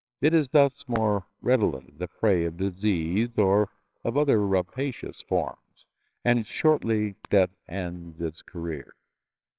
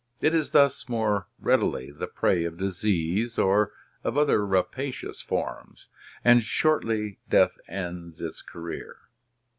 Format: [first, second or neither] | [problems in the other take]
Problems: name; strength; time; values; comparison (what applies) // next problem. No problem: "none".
second | noise reduction (neural separator model SepFormer WHAMR!)